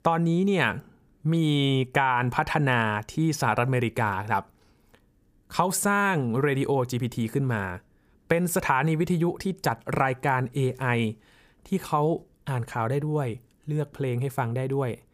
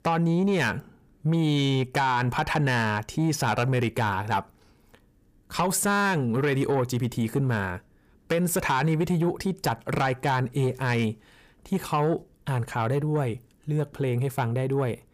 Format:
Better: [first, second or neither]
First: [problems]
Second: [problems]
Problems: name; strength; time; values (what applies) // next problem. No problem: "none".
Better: first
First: none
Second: distortion; slight; 10 dB below the speech